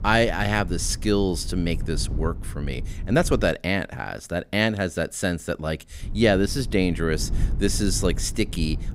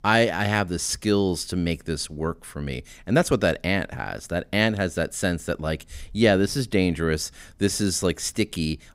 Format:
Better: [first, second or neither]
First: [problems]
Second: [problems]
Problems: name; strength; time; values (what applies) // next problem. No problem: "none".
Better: second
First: low rumble; faint; until 3.5 s and from 6 s on; 20 dB below the speech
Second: none